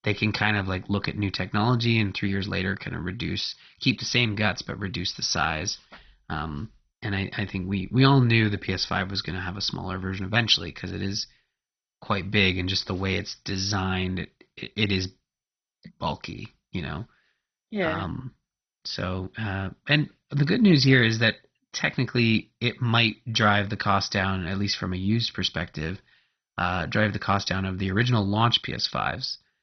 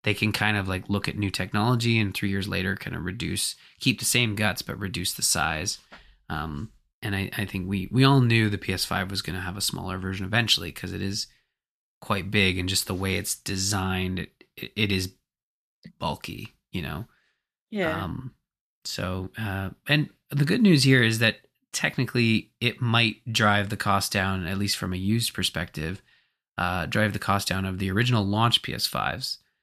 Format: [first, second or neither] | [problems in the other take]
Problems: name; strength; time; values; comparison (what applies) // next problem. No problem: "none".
second | garbled, watery; badly; nothing above 6 kHz